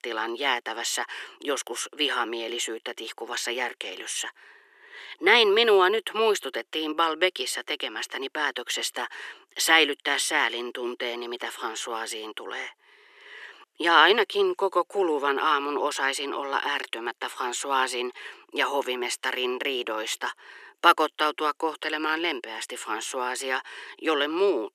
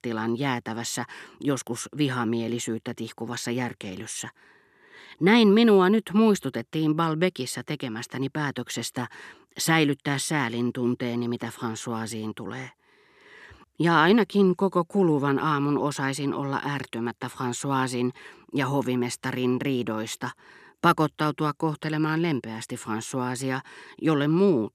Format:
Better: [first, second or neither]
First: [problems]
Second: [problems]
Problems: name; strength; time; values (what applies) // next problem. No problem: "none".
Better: second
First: thin; very; fading below 400 Hz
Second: none